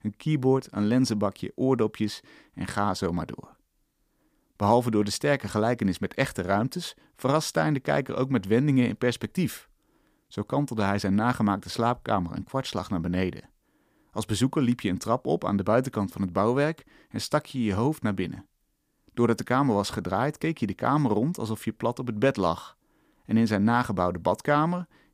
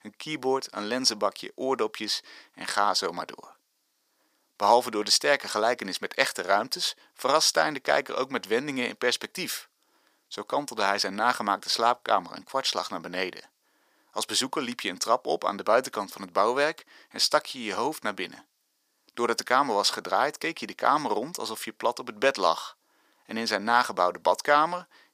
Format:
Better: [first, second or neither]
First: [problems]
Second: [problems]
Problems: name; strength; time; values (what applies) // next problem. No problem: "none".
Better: first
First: none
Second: thin; very; fading below 600 Hz